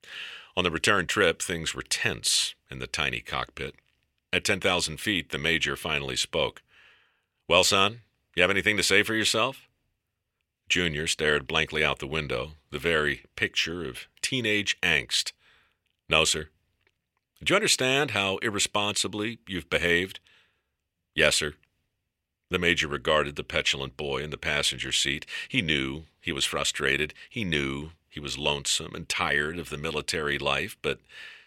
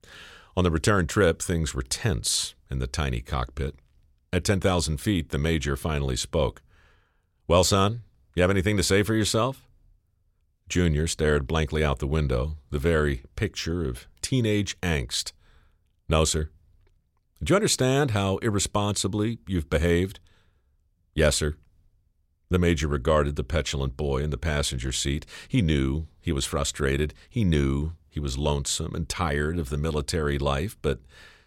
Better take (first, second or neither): second